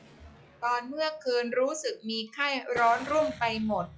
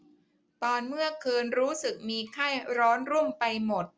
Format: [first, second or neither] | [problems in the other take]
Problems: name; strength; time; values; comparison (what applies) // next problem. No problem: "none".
second | noise reduction (classical method log-MMSE)